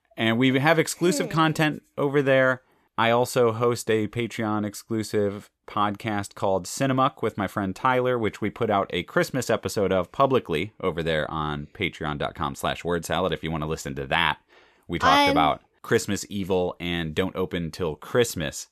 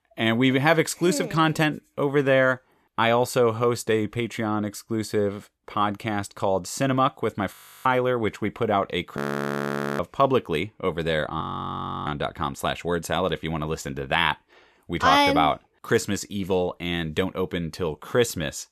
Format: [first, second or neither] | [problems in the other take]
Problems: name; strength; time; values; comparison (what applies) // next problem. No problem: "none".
first | audio freezing; at 7.5 s, at 9 s for 1 s and at 11 s for 0.5 s